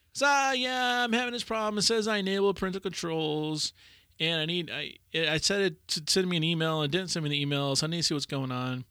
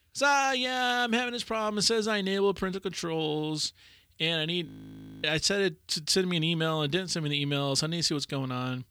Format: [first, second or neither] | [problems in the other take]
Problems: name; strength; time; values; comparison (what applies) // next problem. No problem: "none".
first | audio freezing; at 4.5 s for 0.5 s